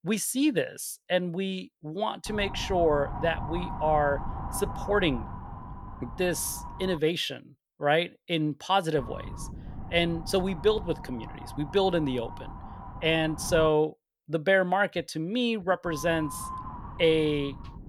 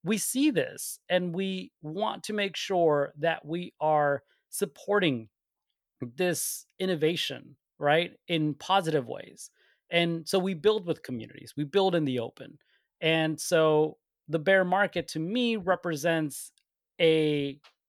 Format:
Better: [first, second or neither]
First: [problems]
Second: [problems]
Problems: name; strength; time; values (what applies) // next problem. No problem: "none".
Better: second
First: wind noise on the microphone; occasional gusts; from 2.5 to 7 s, from 9 to 14 s and from 16 s on; 15 dB below the speech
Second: none